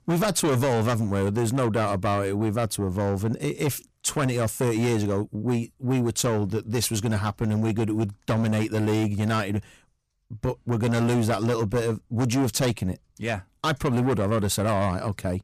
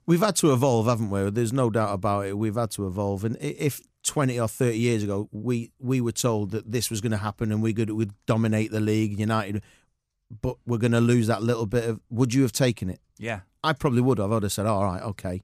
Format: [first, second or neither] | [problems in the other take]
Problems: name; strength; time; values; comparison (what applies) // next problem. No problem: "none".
second | distortion; heavy; 8 dB below the speech